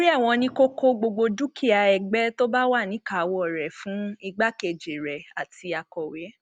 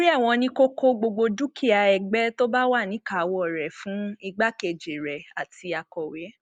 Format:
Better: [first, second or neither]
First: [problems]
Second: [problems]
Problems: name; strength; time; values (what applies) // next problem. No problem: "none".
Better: first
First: none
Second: noise reduction (neural mask model Resemble Enhance denoiser)